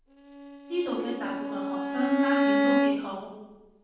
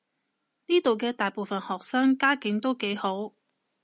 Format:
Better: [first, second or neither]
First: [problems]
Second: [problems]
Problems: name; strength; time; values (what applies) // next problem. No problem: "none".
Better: second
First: background sound (Bowed string instrument); 5 dB above the speech // room echo; dies away in 1.2 s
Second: none